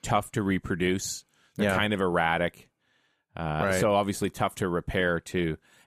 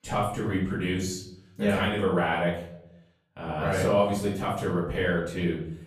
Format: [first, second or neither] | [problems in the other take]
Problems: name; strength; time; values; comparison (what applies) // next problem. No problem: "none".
first | room echo; noticeable; dies away in 0.6 s // off-mic speech; far